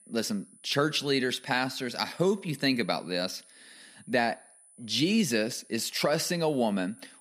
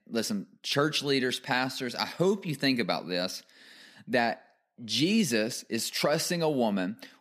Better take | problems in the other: second | high-pitched whine; faint; throughout; 10 kHz, 25 dB below the speech

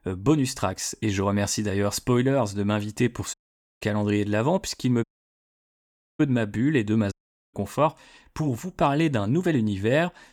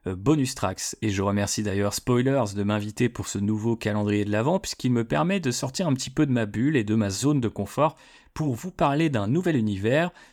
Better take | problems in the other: second | audio cutting out; at 3.5 s, at 5 s for 1 s and at 7 s

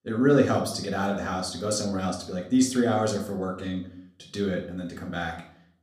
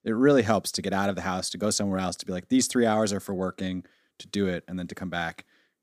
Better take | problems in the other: second | off-mic speech; somewhat distant // room echo; slight; dies away in 0.5 s

